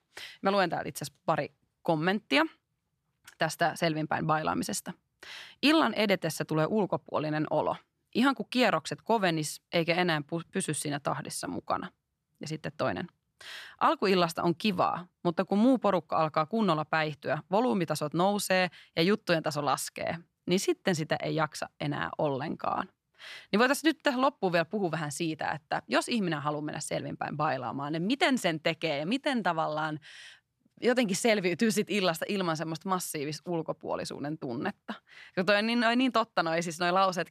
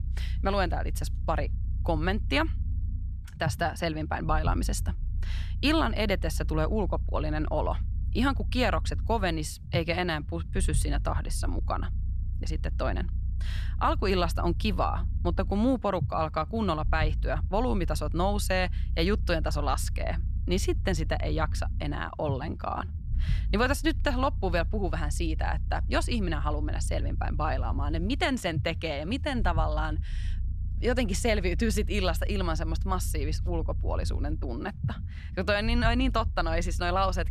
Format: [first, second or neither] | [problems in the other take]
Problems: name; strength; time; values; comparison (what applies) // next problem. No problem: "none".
first | low rumble; noticeable; throughout; 20 dB below the speech